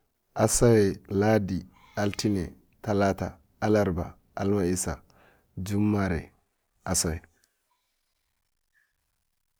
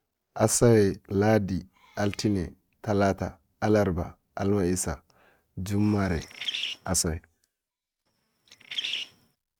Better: first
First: none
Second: noise reduction (neural mask model RNNoise)

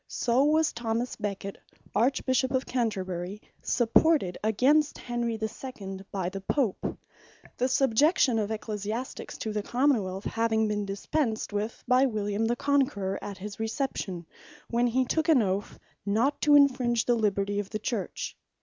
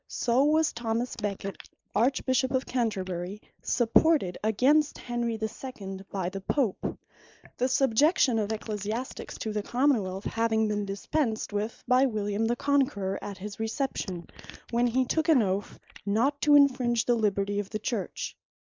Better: first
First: none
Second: noise reduction (neural mask model Resemble Enhance denoiser)

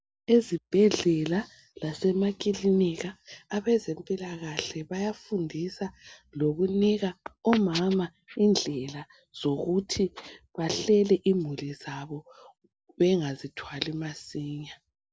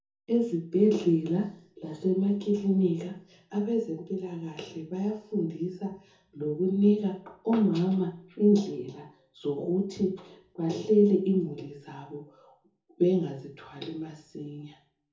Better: first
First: none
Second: room echo; dies away in 0.6 s

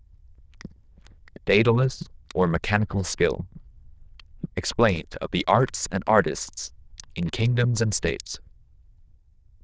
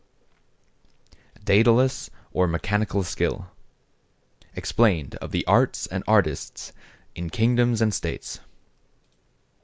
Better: second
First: noise reduction (neural diffusion model UNIVERSE++)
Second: none

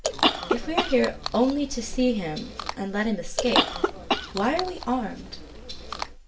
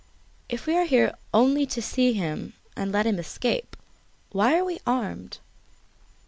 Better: second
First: background sound (Chewing, mastication / Cough); 2 dB below the speech // room echo; dies away in 0.3 s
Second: none

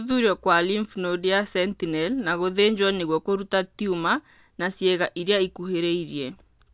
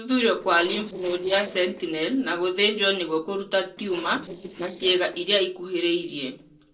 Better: first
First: none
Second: noise reduction (neural separator model SepFormer DNS4)

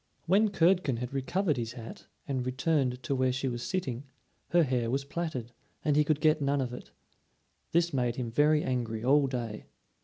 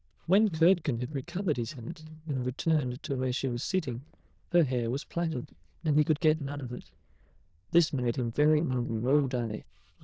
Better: first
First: none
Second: noise reduction (neural diffusion model UNIVERSE++)

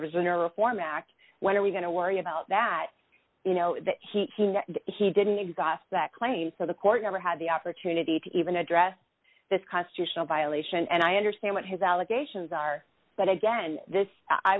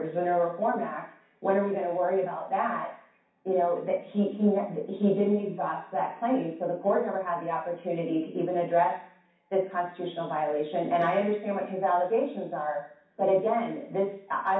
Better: first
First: none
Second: room echo; dies away in 0.6 s

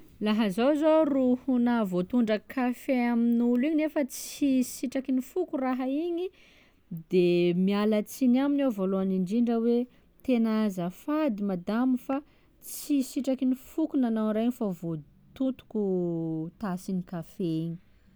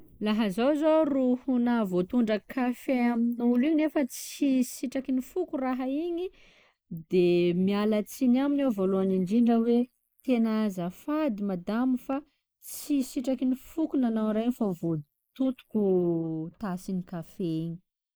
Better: first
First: none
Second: noise reduction (neural mask model Resemble Enhance denoiser)

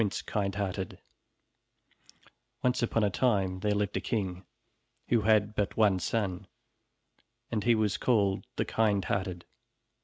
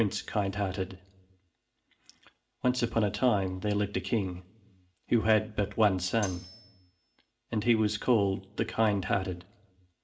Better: first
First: none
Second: background sound (Cutlery, silverware); 18 dB below the speech // room echo; dies away in 0.4 s

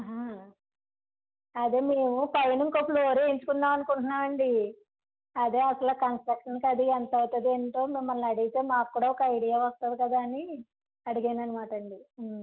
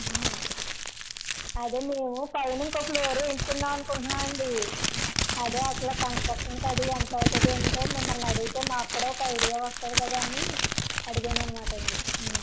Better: first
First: none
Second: background sound (Crumpling, crinkling); 2 dB above the speech

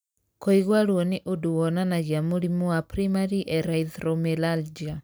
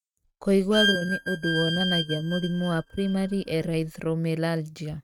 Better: first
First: none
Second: noise reduction (neural mask model RNNoise)

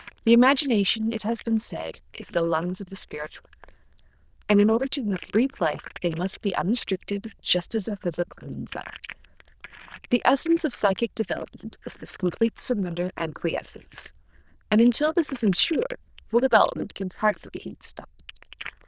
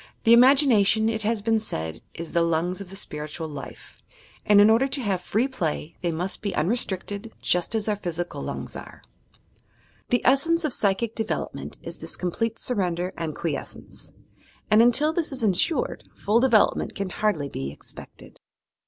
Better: second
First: noise reduction (neural diffusion model UNIVERSE++)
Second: none

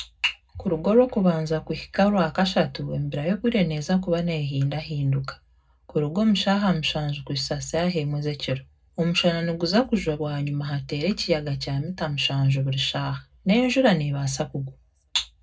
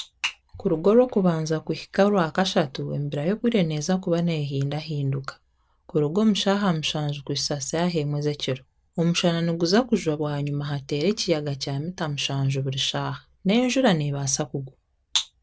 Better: second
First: room echo; dies away in 0.3 s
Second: none

